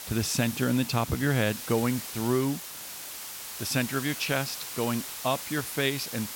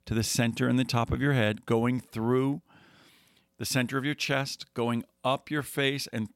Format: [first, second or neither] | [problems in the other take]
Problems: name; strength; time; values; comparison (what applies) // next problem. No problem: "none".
second | hiss; loud; throughout; 7 dB below the speech